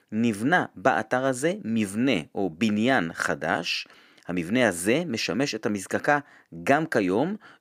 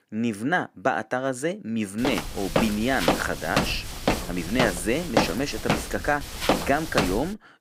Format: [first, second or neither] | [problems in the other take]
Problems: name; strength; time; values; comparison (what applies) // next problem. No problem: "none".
first | footsteps; loud; from 2 s on; peak 2 dB above the speech